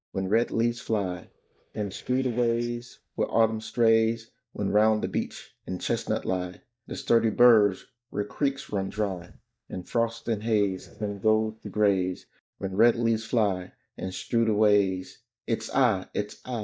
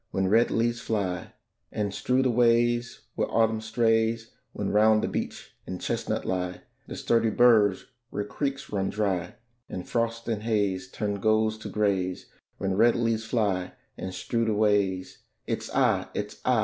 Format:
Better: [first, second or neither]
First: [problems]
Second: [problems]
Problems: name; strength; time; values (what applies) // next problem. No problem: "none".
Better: second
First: noise reduction (neural mask model DeepFilterNet 3)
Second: none